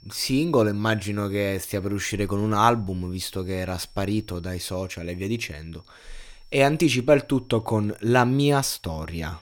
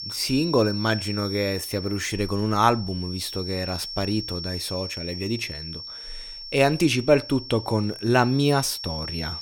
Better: first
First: high-pitched whine; faint; throughout; 5.5 kHz, 35 dB below the speech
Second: high-pitched whine; loud; throughout; 5.5 kHz, 9 dB below the speech

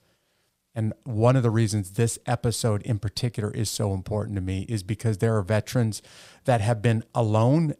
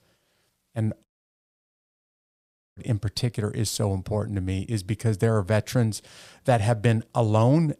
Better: first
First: none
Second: audio cutting out; at 1 s for 1.5 s

